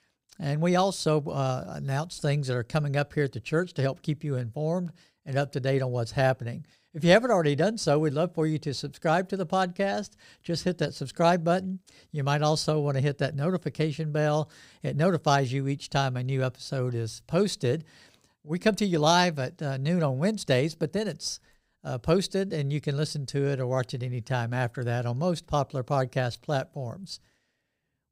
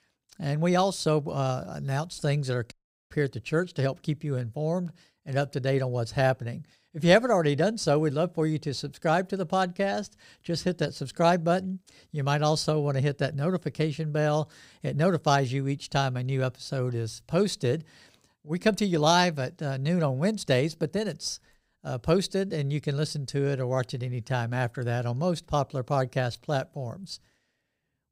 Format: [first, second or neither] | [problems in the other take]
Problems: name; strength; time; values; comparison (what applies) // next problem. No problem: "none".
first | audio cutting out; at 2.5 s